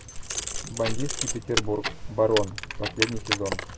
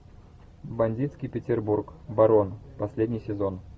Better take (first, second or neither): second